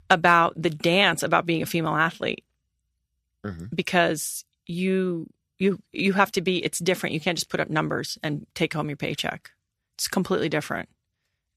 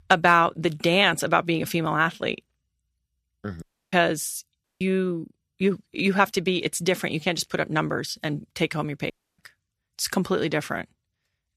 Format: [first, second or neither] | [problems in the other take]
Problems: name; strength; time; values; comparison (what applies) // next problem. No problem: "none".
first | audio cutting out; at 3.5 s, at 4.5 s and at 9 s